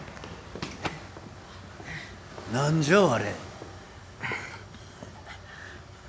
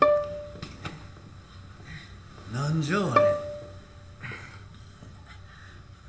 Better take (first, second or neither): first